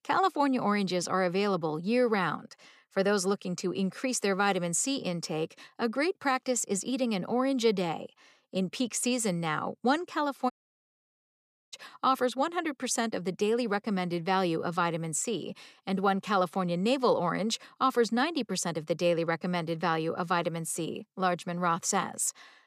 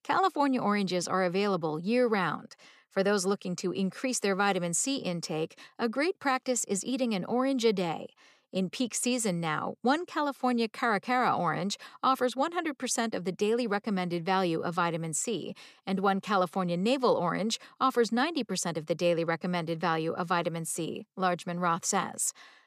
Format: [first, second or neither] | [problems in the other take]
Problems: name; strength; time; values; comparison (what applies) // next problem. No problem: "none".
second | audio cutting out; at 11 s for 1 s